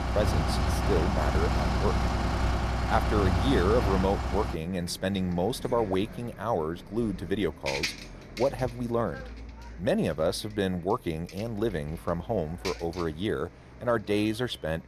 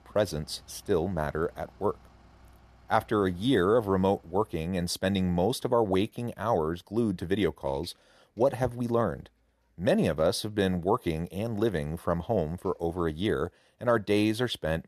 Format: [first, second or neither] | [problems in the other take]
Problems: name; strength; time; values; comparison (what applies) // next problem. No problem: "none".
second | traffic noise; loud; throughout; as loud as the speech; faint in the second